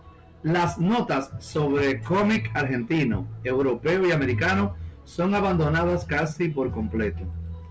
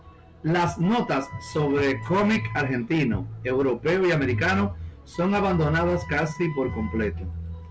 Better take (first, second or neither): first